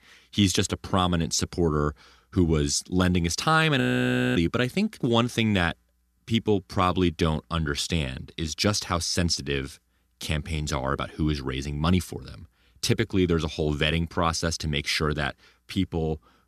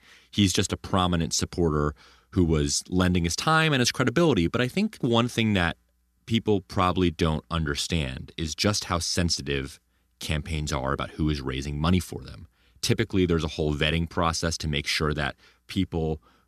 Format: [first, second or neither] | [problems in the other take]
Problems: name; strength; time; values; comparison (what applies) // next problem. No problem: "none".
second | audio freezing; at 4 s for 0.5 s